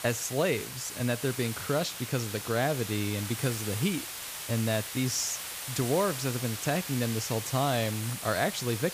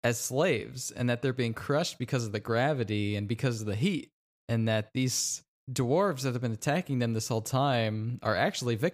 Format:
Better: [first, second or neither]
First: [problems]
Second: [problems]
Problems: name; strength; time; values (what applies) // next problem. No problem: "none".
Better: second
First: hiss; loud; throughout; 6 dB below the speech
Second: none